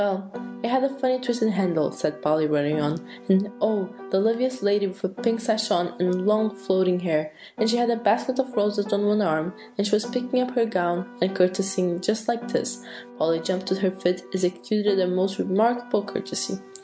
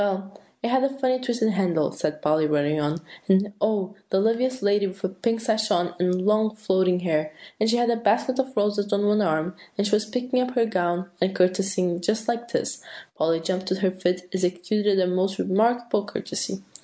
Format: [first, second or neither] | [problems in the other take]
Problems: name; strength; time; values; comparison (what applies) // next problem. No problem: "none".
second | background sound (Piano); 16 dB below the speech